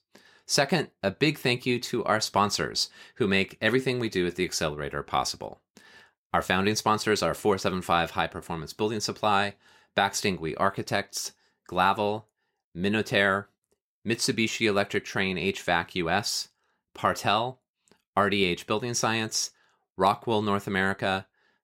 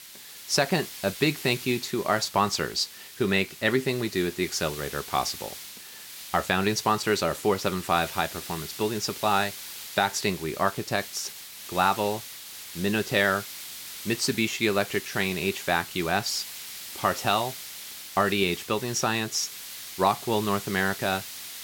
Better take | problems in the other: first | hiss; noticeable; throughout; 10 dB below the speech

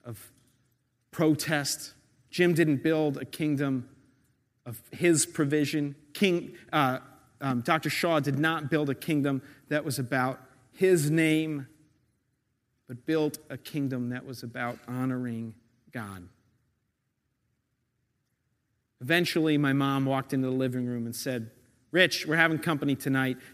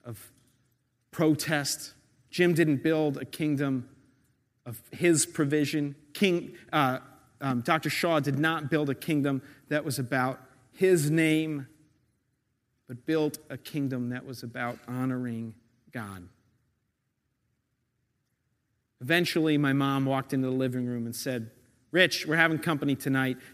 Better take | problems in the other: neither | none

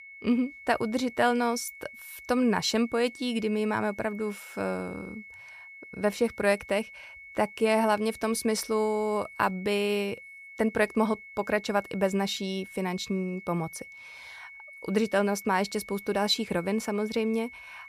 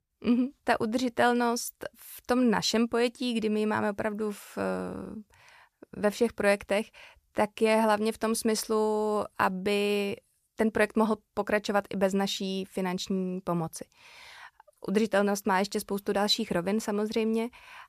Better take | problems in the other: second | high-pitched whine; noticeable; throughout; 2 kHz, 15 dB below the speech

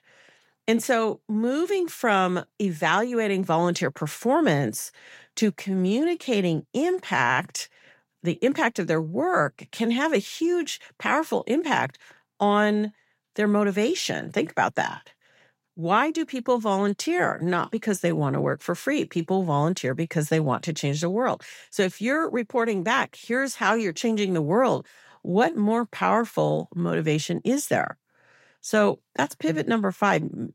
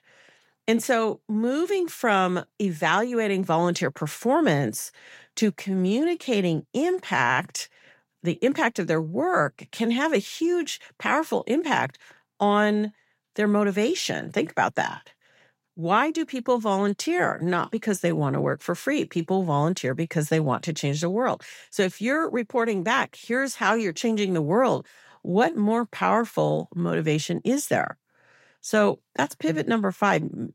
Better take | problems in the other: neither | none

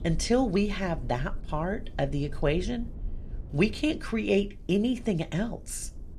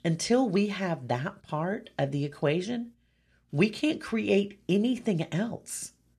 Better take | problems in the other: second | low rumble; faint; throughout; 25 dB below the speech

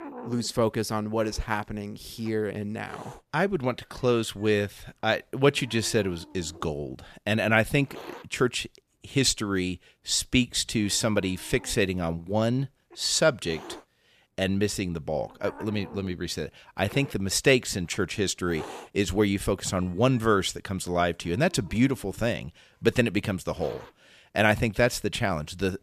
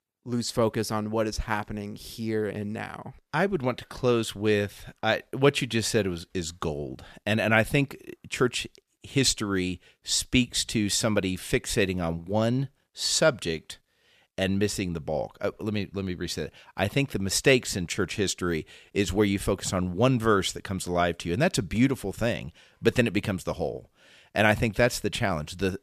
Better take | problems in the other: second | hiss; faint; throughout; 20 dB below the speech

